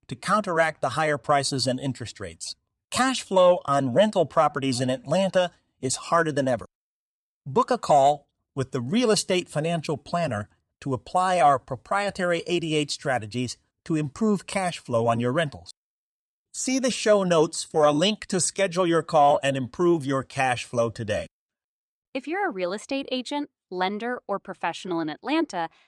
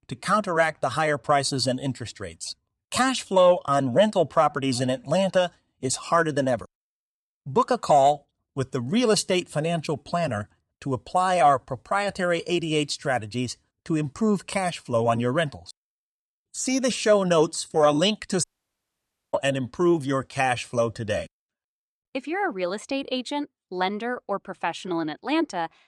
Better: first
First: none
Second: audio cutting out; at 18 s for 1 s

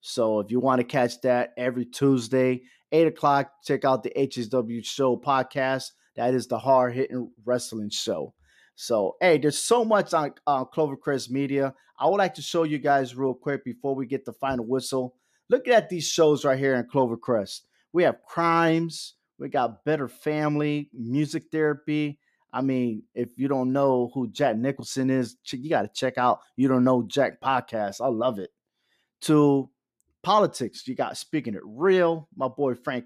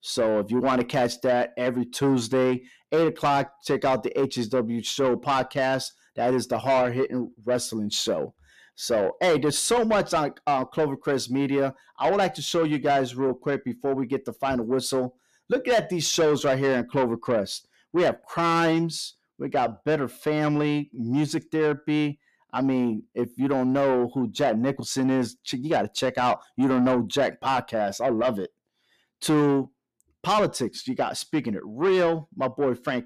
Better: first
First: none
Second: distortion; slight; 10 dB below the speech

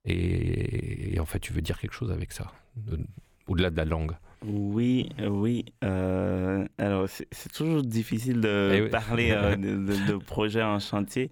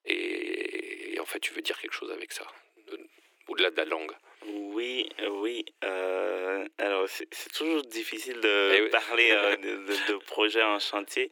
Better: first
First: none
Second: thin; very; fading below 300 Hz

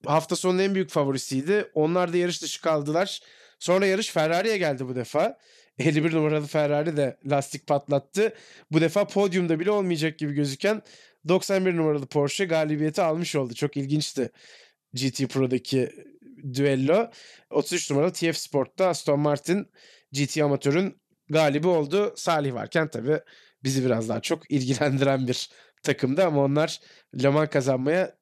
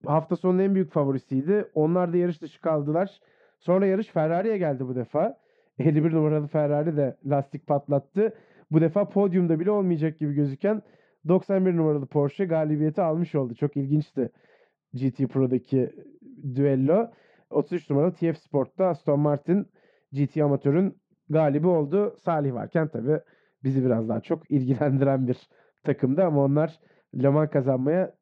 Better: first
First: none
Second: muffled; very; fading above 1 kHz

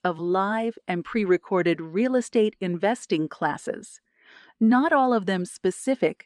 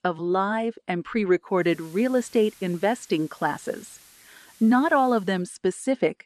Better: first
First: none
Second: hiss; faint; from 1.5 to 5.5 s; 25 dB below the speech

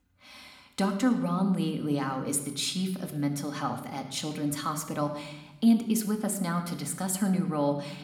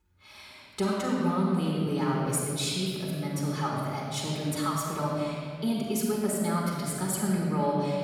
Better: first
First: room echo; slight; dies away in 0.8 s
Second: room echo; strong; dies away in 2 s // off-mic speech; far

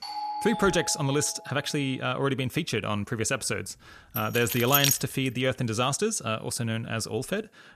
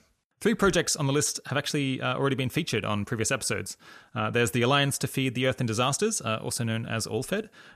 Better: second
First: doorbell; noticeable; until 1.5 s; peak 5 dB below the speech // jangling keys; loud; at 4 s; peak 4 dB above the speech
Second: none

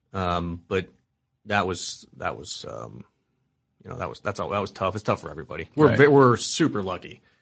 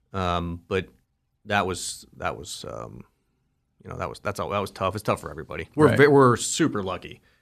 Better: second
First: garbled, watery; slightly; nothing above 8 kHz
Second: none

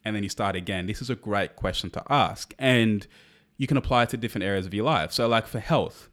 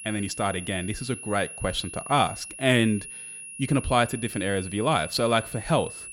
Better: first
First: none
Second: high-pitched whine; noticeable; throughout; 10.5 kHz, 10 dB below the speech

